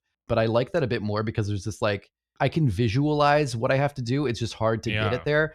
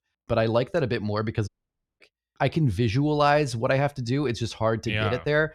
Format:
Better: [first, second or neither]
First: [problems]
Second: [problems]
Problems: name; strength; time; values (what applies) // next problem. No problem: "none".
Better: first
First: none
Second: audio cutting out; at 1.5 s for 0.5 s